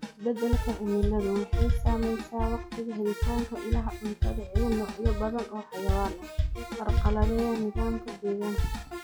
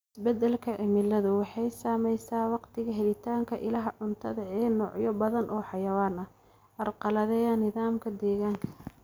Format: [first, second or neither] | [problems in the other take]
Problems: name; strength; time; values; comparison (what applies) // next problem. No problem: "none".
second | noise reduction (classical method log-MMSE)